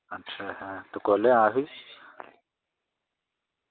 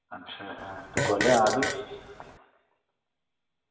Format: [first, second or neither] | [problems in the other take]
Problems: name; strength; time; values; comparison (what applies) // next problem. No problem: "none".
first | background sound (Fart); 2 dB below the speech // room echo; dies away in 1.5 s